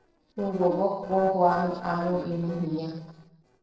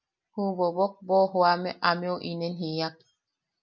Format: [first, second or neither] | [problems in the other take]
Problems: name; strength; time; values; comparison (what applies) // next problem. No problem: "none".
second | noise reduction (neural separator model SepFormer DNS4)